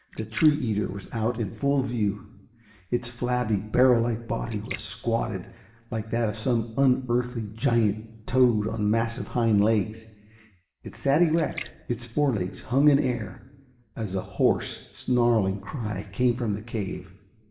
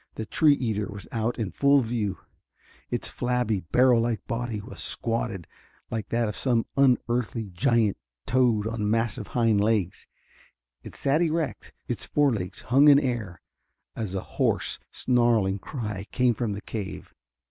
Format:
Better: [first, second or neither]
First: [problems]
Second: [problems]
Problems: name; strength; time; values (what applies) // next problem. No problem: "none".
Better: second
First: background sound (Splash, splatter); 20 dB below the speech // room echo; dies away in 1.1 s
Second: none